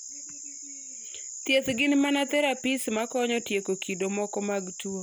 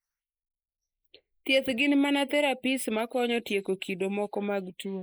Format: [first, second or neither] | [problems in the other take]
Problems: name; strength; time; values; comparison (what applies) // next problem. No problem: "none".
first | noise reduction (neural mask model Resemble Enhance denoiser)